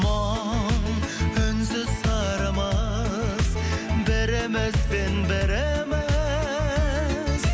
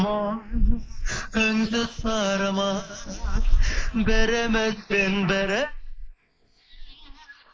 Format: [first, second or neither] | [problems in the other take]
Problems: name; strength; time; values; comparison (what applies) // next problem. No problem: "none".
first | noise reduction (neural mask model Resemble Enhance denoiser)